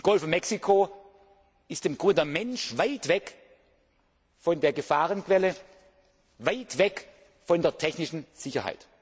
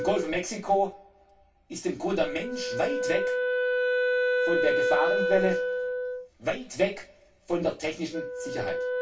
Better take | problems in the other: first | background sound (Wind instrument, woodwind instrument); 1 dB above the speech // room echo; dies away in 0.2 s

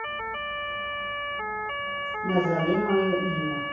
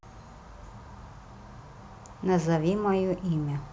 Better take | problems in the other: second | background sound (Motor vehicle (road) / Siren); 2 dB below the speech // room echo; dies away in 0.7 s

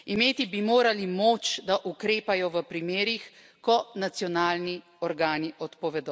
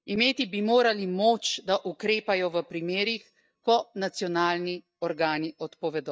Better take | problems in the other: first | noise reduction (neural mask model DeepFilterNet 3)

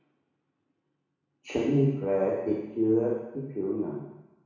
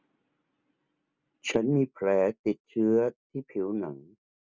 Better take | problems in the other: second | room echo; dies away in 1.1 s

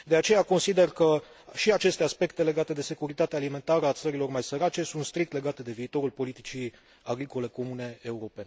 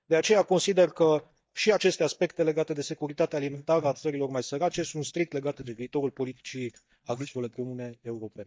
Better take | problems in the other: first | noise reduction (neural mask model DeepFilterNet 3)

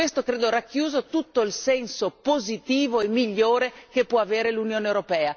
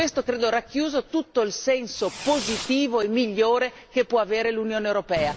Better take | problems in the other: first | background sound (Fireworks); 17 dB below the speech

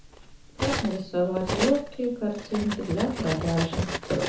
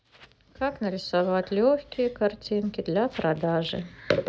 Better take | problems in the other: second | background sound (Cutlery, silverware); 5 dB below the speech // room echo; dies away in 0.9 s

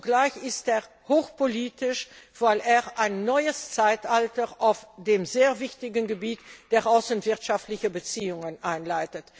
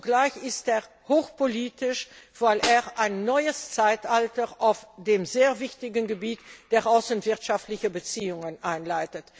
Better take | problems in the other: first | background sound (Snare drum); 11 dB below the speech

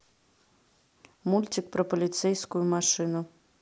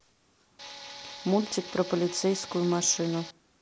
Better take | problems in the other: first | background sound (Tools); 13 dB below the speech

